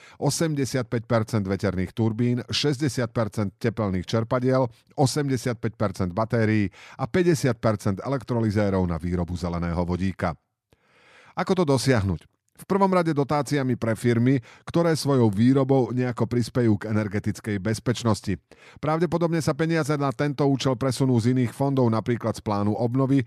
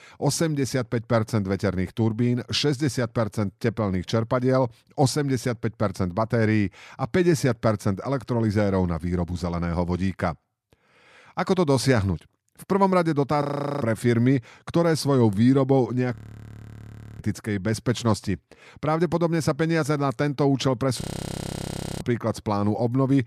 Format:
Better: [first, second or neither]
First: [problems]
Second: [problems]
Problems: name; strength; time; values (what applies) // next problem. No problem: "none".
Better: first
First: none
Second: audio freezing; at 13 s, at 16 s for 1 s and at 21 s for 1 s